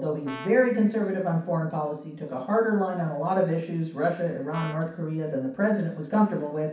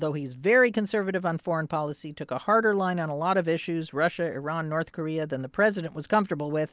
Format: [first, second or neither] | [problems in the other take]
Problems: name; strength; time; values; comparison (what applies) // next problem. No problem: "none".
second | background sound (Brass instrument); 18 dB below the speech // room echo; dies away in 0.6 s